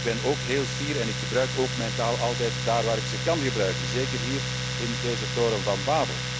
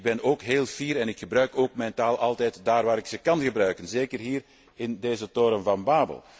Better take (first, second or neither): second